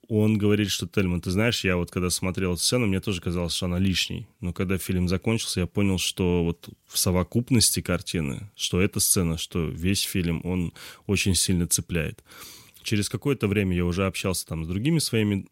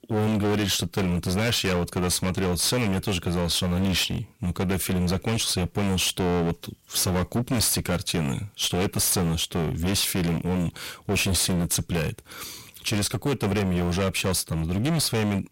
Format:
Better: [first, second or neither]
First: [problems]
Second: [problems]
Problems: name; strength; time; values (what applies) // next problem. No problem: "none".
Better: first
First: none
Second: distortion; heavy; 26% of the sound clipped